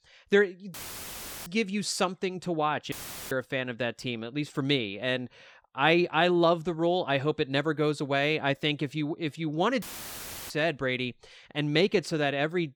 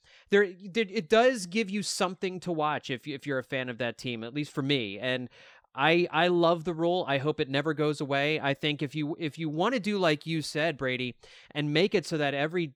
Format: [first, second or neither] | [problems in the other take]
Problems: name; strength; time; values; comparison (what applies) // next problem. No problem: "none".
second | audio cutting out; filled with static; at 0.5 s for 0.5 s, at 3 s and at 10 s for 0.5 s